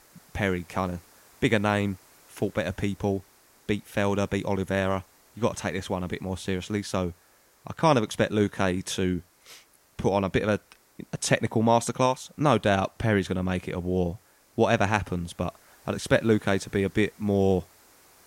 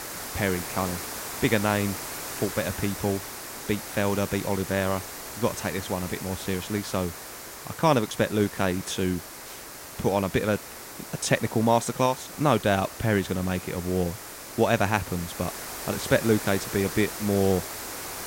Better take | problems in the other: first | hiss; loud; throughout; 9 dB below the speech; faint in the first

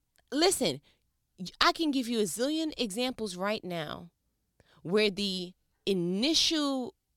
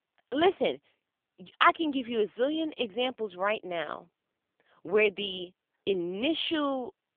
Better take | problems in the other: first | phone-call audio; poor line; nothing above 3.5 kHz

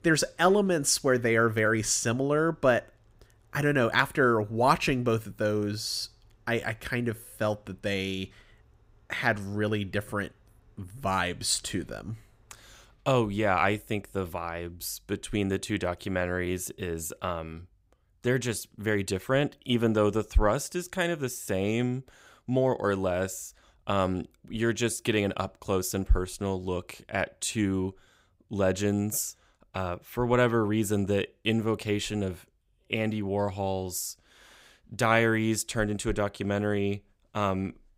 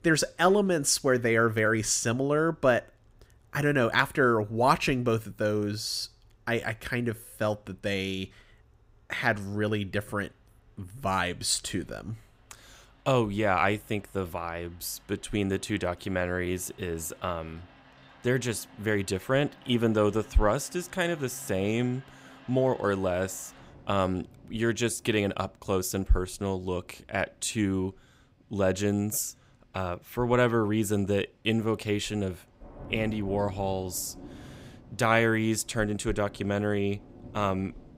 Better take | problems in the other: first | rain or running water; faint; throughout; 25 dB below the speech

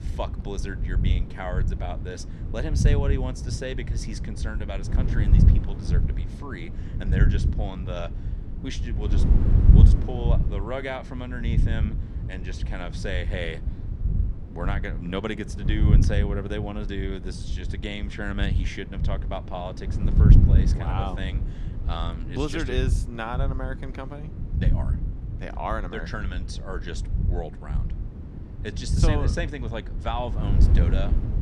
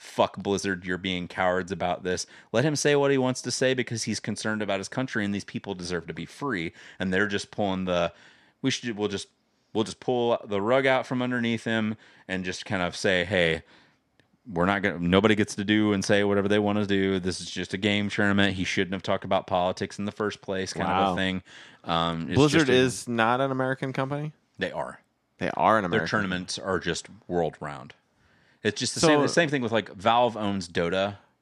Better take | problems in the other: second | wind noise on the microphone; heavy; 5 dB below the speech

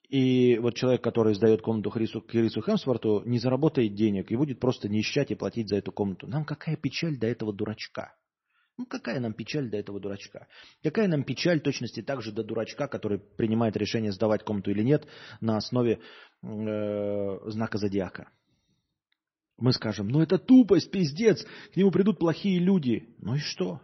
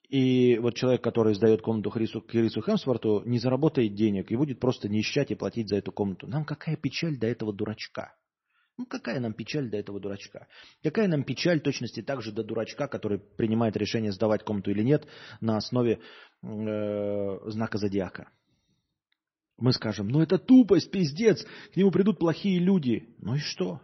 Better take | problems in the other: neither | garbled, watery; slightly; nothing above 6 kHz; the same in both

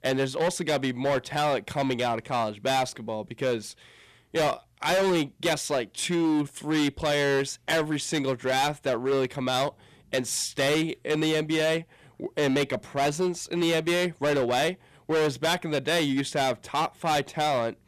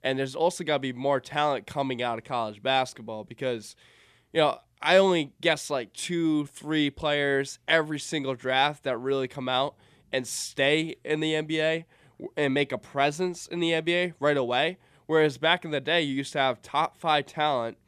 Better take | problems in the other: second | distortion; heavy; 16% of the sound clipped

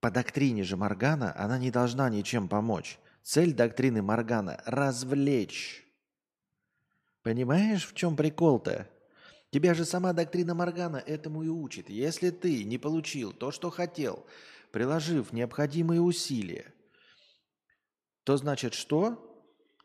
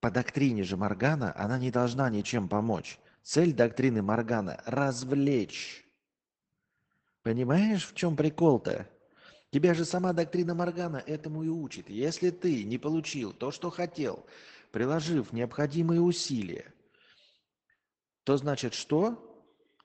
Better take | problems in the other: first | garbled, watery; badly; nothing above 8 kHz

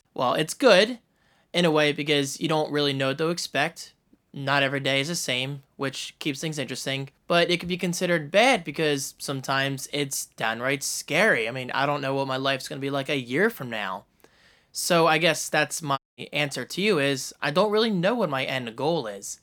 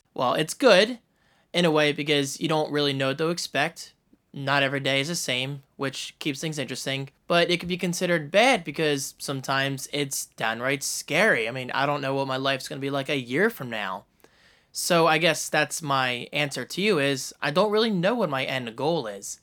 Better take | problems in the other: second | audio cutting out; at 16 s

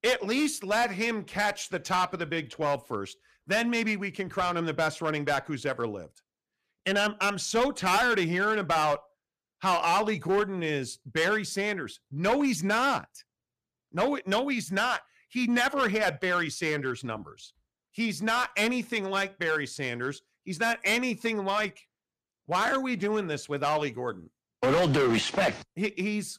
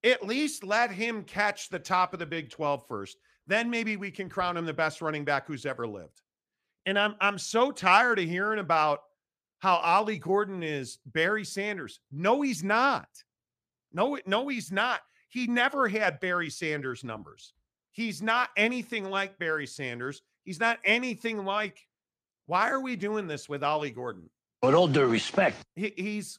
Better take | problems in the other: second | distortion; heavy; 7% of the sound clipped

